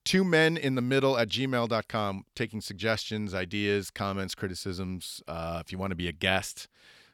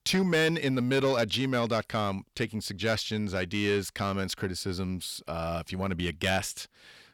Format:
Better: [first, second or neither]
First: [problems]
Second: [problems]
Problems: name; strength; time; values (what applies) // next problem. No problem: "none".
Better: first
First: none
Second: distortion; slight; 10 dB below the speech